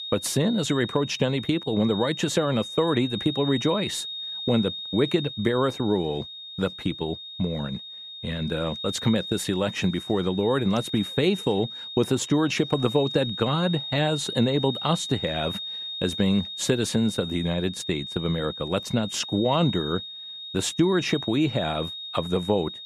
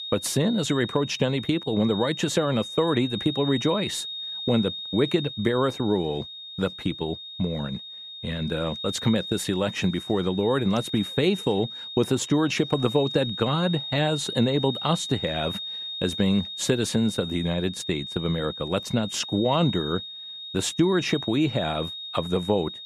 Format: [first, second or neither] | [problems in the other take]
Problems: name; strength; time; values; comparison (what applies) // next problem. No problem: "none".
neither | high-pitched whine; loud; throughout; 3.5 kHz, 8 dB below the speech; the same in both